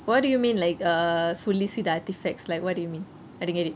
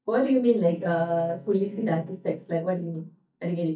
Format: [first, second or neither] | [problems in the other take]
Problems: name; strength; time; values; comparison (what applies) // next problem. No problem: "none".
first | noise reduction (neural mask model DeepFilterNet 3)